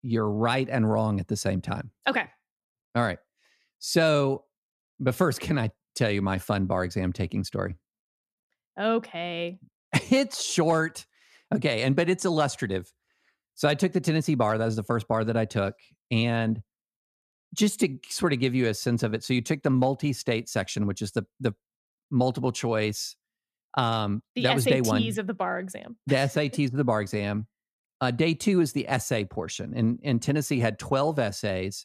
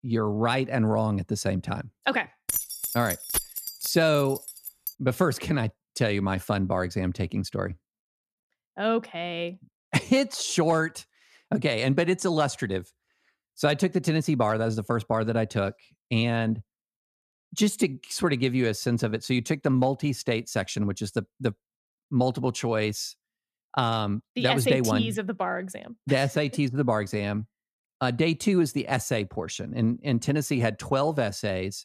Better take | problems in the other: first | jangling keys; noticeable; from 2.5 to 5 s; peak 1 dB below the speech

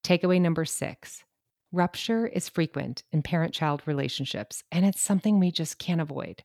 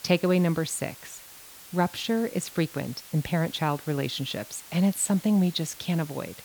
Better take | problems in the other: first | hiss; noticeable; throughout; 15 dB below the speech

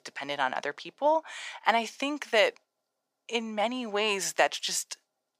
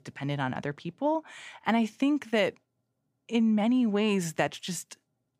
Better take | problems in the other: second | thin; very; fading below 650 Hz

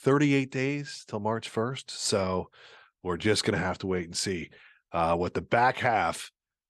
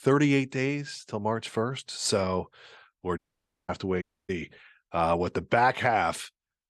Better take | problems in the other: first | audio cutting out; at 3 s for 0.5 s and at 4 s

